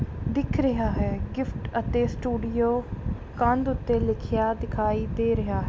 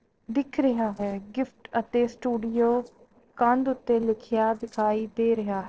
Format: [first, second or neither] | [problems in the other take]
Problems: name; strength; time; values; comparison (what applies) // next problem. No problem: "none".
first | noise reduction (neural separator model SepFormer DNS4)